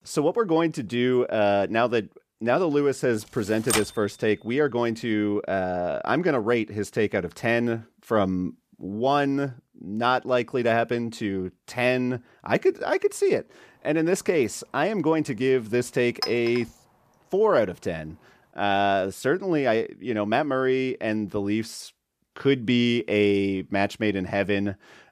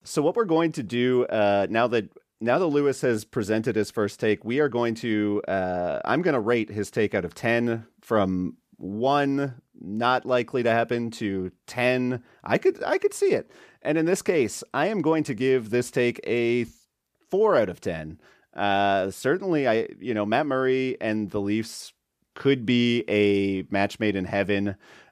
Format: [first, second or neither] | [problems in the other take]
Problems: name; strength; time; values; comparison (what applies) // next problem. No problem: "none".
second | keyboard typing; noticeable; at 3.5 s; peak 2 dB below the speech // clattering dishes; noticeable; at 16 s; peak 6 dB below the speech